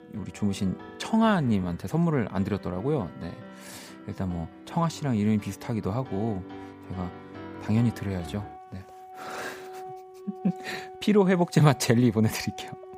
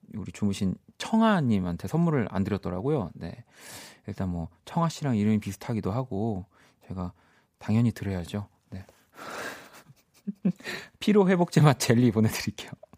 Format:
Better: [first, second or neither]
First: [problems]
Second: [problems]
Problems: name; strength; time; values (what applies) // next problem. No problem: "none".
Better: second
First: background music; noticeable; throughout; 15 dB below the speech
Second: none